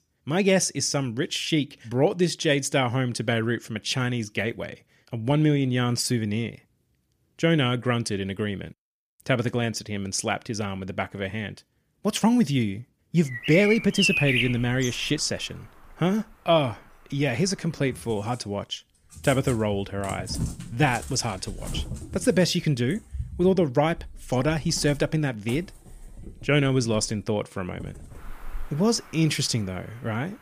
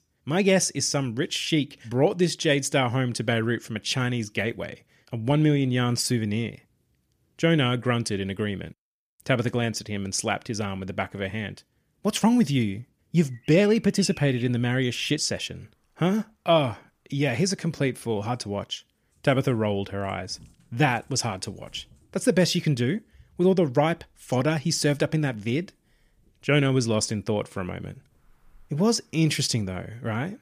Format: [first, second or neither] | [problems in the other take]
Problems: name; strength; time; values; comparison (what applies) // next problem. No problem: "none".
second | animal sounds; loud; from 13 s on; 7 dB below the speech; faint in the second